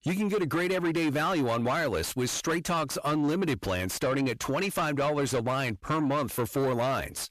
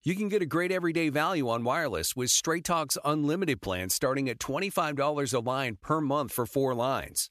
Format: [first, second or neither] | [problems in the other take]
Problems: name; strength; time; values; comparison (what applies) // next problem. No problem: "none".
second | distortion; heavy; 7 dB below the speech